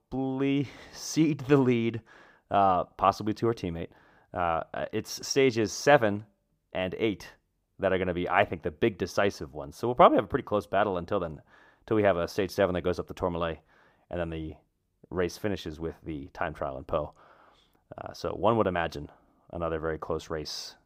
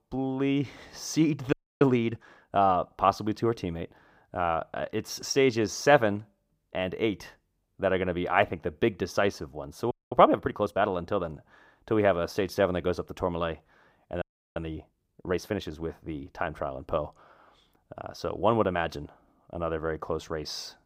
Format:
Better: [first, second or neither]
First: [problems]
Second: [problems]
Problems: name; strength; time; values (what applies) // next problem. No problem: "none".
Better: first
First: none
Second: audio freezing; at 1.5 s, at 10 s and at 14 s